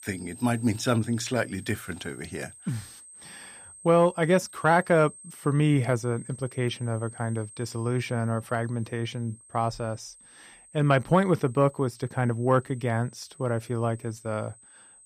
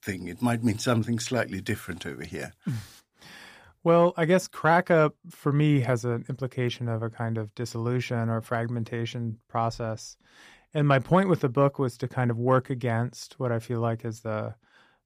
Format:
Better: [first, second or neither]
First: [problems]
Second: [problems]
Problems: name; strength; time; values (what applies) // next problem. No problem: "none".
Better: second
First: high-pitched whine; noticeable; throughout; 8.5 kHz, 20 dB below the speech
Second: none